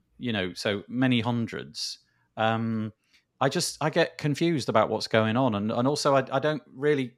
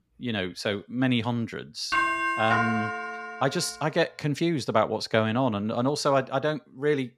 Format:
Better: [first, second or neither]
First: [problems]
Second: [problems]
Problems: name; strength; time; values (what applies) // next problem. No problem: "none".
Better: first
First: none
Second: doorbell; loud; from 2 to 3.5 s; peak 3 dB above the speech